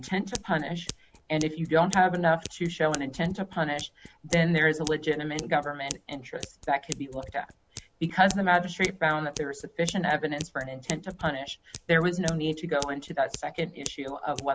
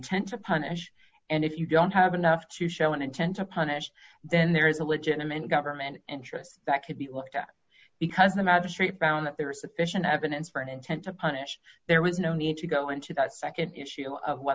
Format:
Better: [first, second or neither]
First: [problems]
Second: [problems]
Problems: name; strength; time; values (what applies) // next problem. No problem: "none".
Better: second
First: background sound (Scissors); 15 dB below the speech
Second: none